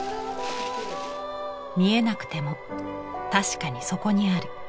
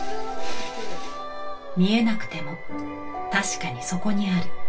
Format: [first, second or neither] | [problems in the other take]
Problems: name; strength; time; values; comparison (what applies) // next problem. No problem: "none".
first | room echo; dies away in 0.2 s